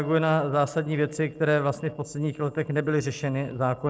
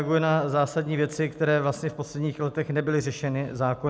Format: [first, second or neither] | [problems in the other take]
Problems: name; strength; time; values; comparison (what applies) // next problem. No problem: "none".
second | noise reduction (neural separator model SepFormer DNS4)